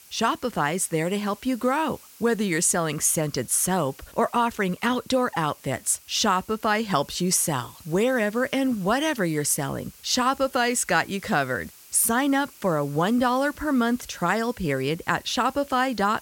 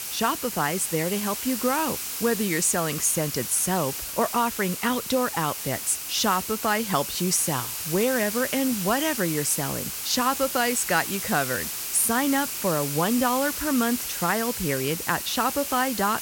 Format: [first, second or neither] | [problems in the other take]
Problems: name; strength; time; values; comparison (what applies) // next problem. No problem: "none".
first | hiss; loud; throughout; 4 dB below the speech; faint in the first